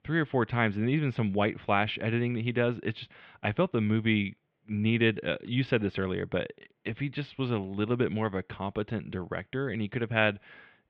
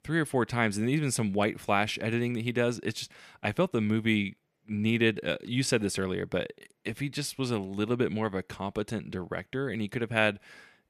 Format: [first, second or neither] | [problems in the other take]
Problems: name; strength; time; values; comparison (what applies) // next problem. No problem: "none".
second | muffled; very; fading above 3.5 kHz